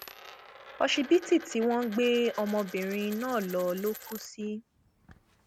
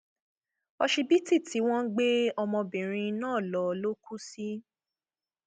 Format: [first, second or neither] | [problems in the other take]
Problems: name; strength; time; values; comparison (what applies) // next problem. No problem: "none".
second | background sound (Coin (dropping)); 17 dB below the speech